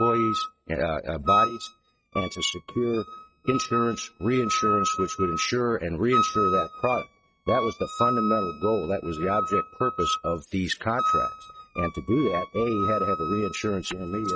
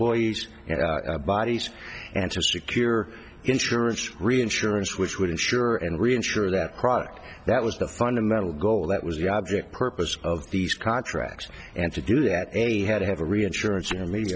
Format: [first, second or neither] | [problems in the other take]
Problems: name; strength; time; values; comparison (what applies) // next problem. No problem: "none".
second | noise reduction (neural mask model RNNoise)